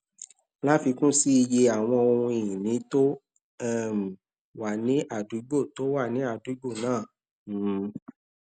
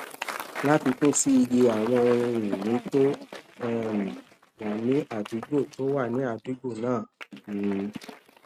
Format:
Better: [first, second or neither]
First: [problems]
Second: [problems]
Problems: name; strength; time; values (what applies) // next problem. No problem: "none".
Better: first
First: none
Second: noise reduction (neural mask model RNNoise)